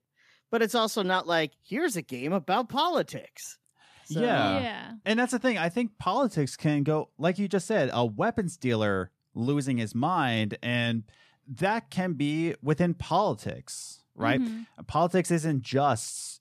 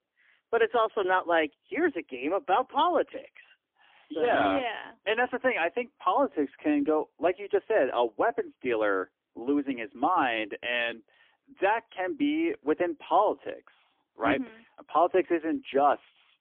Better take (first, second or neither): first